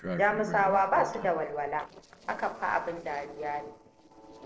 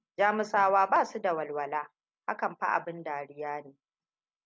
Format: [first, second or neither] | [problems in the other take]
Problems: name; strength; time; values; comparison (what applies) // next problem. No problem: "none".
second | noise reduction (neural separator model SepFormer DNS4)